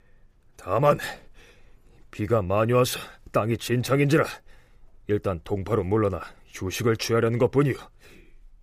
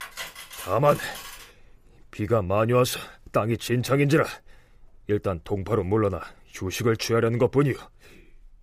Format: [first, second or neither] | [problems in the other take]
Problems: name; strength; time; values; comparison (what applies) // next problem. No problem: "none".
first | clattering dishes; faint; until 1.5 s; peak 10 dB below the speech